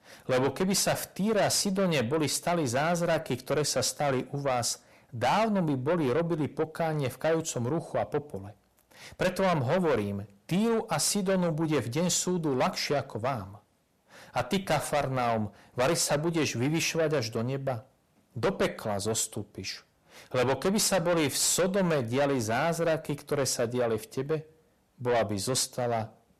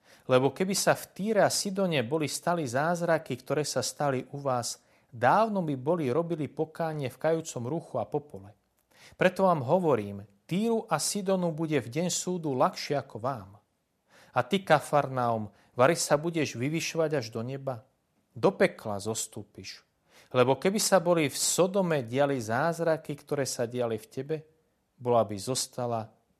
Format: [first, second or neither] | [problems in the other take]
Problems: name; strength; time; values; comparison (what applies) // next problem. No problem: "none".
second | distortion; heavy; 6 dB below the speech